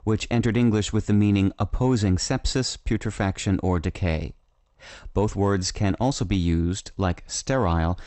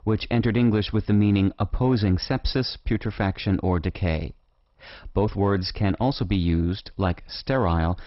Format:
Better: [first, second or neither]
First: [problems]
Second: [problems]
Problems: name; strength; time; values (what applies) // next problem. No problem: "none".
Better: first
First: garbled, watery; slightly; nothing above 8 kHz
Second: garbled, watery; badly; nothing above 5.5 kHz